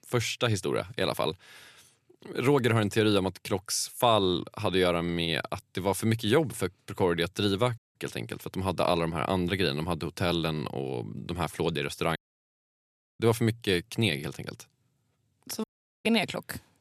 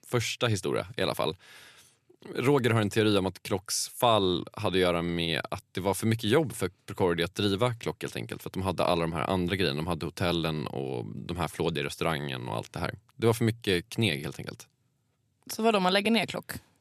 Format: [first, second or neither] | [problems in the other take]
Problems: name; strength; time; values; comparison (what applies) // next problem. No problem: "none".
second | audio cutting out; at 8 s, at 12 s for 1 s and at 16 s